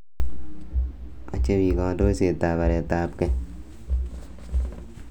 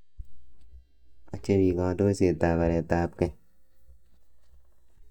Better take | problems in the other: first | noise reduction (neural mask model DeepFilterNet 3)

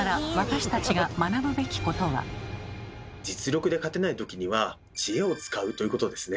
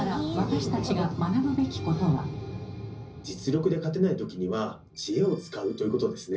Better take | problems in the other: first | room echo; dies away in 0.5 s

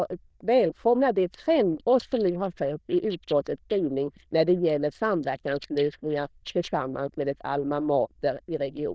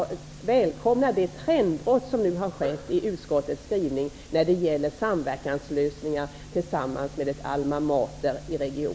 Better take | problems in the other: second | noise reduction (neural diffusion model UNIVERSE++)

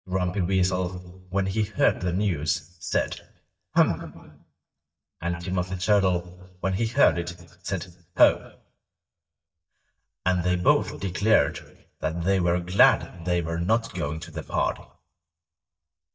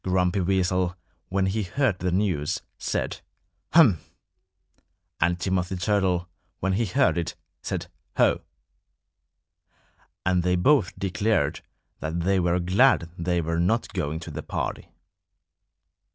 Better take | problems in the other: second | noise reduction (neural mask model DeepFilterNet 3)

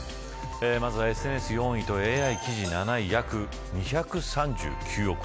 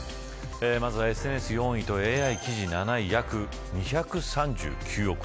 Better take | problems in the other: second | background sound (Crash cymbal + Wind instrument, woodwind instrument); 15 dB below the speech

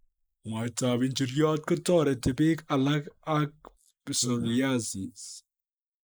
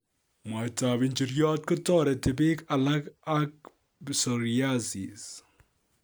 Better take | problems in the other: second | noise reduction (neural mask model Resemble Enhance denoiser)

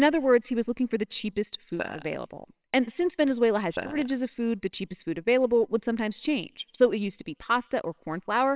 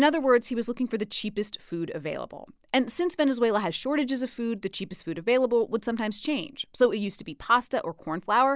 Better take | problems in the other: second | noise reduction (neural separator model SepFormer WHAMR!)

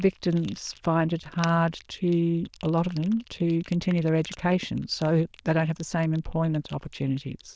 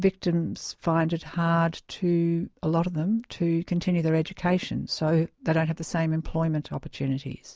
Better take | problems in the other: second | noise reduction (neural diffusion model UNIVERSE++)

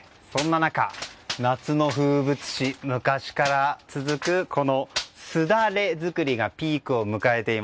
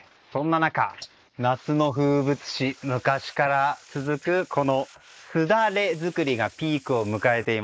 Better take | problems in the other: first | noise reduction (neural mask model Resemble Enhance denoiser)

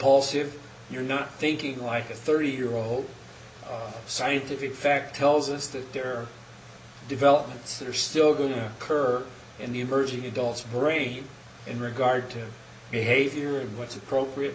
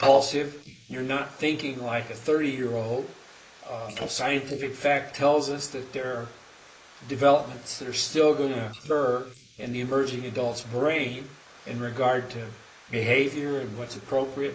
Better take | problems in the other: first | noise reduction (neural mask model Resemble Enhance denoiser)

